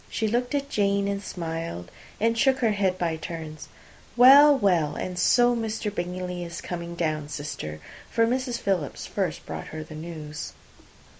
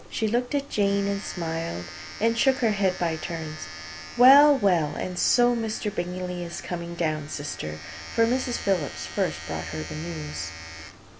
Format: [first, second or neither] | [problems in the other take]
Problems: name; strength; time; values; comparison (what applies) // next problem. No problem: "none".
first | background sound (Domestic sounds, home sounds); 14 dB below the speech